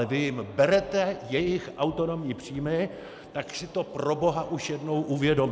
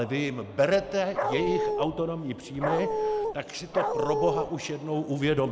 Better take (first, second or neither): first